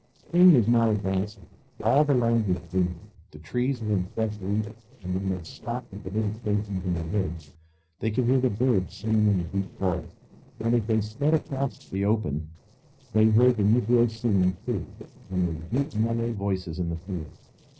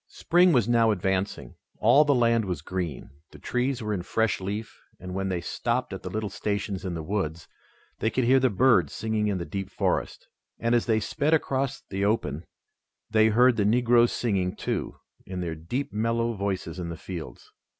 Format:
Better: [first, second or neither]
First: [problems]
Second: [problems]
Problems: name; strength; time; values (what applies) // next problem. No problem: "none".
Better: second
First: noise reduction (neural separator model SepFormer DNS4)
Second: none